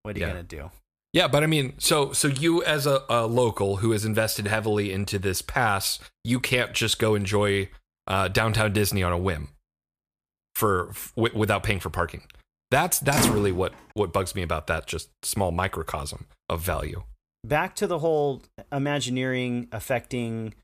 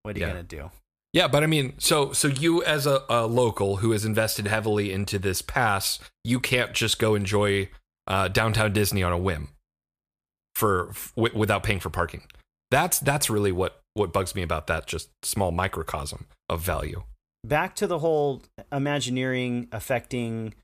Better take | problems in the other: second | door banging; loud; at 13 s; peak 1 dB above the speech

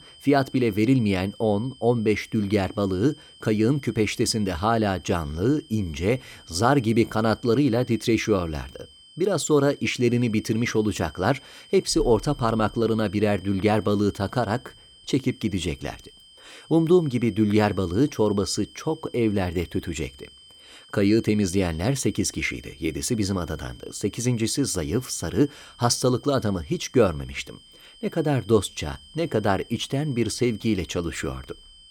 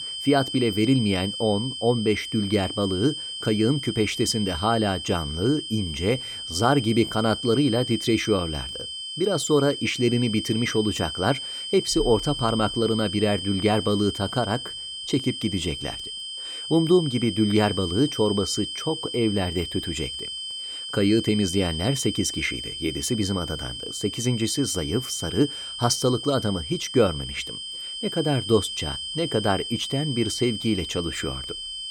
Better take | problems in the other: first | high-pitched whine; loud; throughout; 3 kHz, 6 dB below the speech; faint in the first

